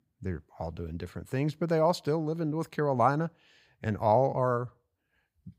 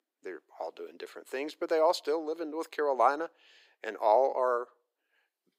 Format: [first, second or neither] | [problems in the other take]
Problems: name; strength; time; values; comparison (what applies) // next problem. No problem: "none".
first | thin; very; fading below 350 Hz